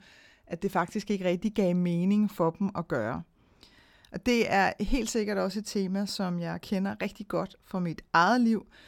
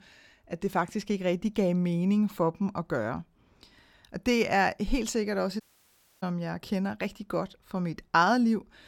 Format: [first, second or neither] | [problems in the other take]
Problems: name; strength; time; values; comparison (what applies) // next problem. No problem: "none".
first | audio cutting out; at 5.5 s for 0.5 s